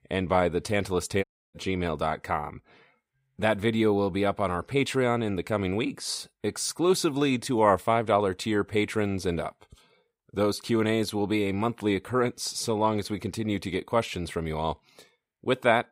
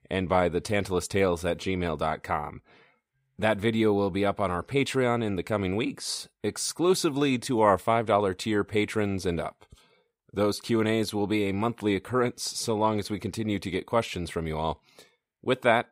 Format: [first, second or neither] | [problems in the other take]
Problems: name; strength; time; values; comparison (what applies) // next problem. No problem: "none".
second | audio cutting out; at 1 s